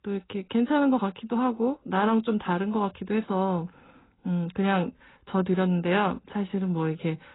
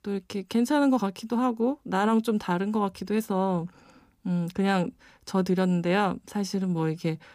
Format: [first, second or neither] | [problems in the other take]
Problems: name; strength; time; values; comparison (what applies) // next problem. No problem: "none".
second | garbled, watery; badly; nothing above 4 kHz